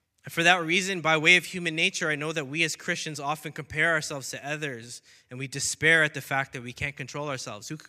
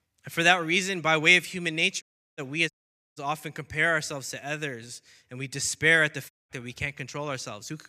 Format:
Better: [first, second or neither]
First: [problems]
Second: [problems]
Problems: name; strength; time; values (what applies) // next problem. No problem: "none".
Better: first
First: none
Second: audio cutting out; at 2 s, at 2.5 s and at 6.5 s